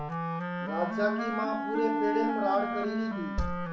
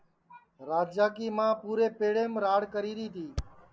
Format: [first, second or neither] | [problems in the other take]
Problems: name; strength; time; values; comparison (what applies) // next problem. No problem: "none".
second | background sound (Wind instrument, woodwind instrument); as loud as the speech // room echo; dies away in 0.4 s